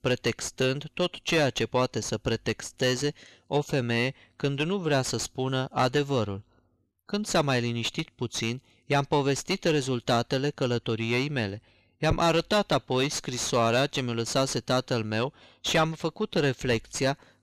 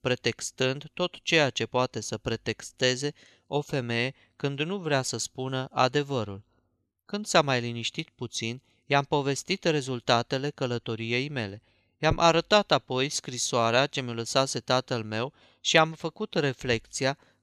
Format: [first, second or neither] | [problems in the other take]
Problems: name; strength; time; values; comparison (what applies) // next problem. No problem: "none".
second | distortion; heavy; 7 dB below the speech